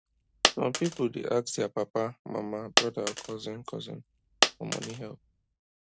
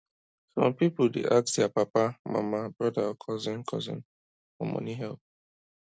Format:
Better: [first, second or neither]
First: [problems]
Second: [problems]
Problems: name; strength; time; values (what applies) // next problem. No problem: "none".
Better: second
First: background sound (Coin (dropping)); 1 dB above the speech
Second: none